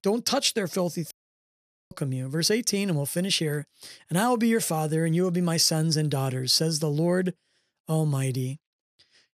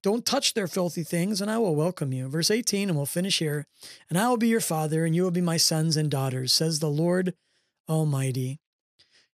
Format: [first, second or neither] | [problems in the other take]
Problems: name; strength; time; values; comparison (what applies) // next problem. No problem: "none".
second | audio cutting out; at 1 s for 1 s